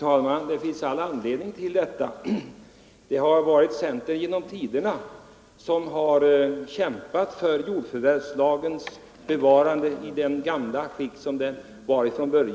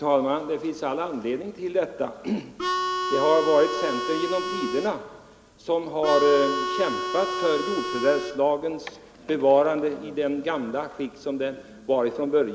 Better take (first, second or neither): first